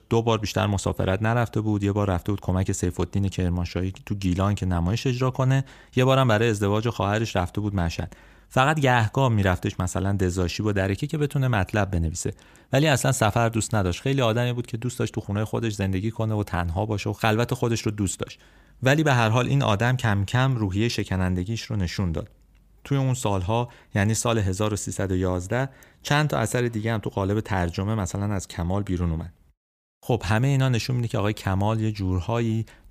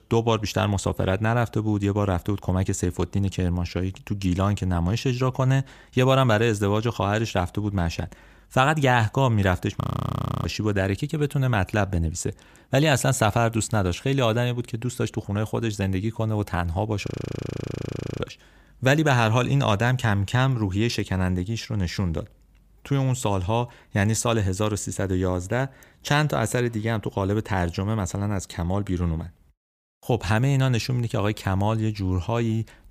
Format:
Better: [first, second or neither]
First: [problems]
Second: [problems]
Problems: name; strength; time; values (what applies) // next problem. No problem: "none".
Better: first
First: none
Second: audio freezing; at 10 s for 0.5 s and at 17 s for 1 s